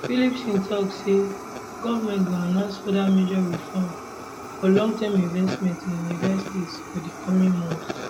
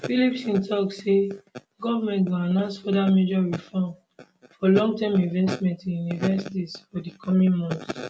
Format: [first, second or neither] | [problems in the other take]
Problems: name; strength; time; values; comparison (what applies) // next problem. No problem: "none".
second | background sound (Fire); 13 dB below the speech